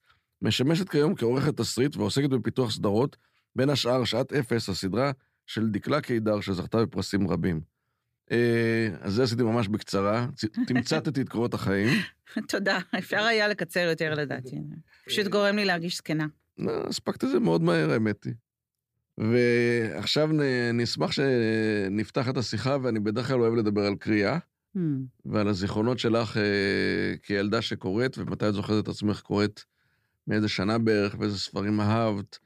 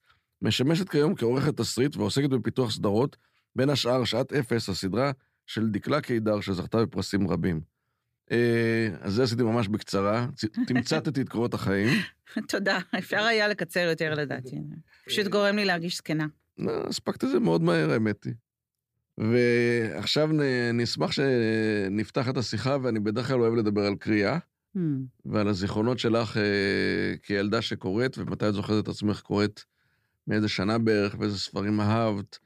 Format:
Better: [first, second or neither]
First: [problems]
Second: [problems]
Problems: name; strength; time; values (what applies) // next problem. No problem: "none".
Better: neither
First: none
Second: none